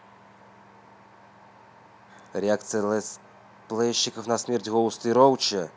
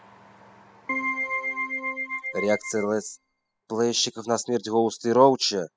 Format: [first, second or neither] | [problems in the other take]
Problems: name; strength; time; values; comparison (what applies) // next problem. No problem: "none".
first | noise reduction (classical method spectral subtraction)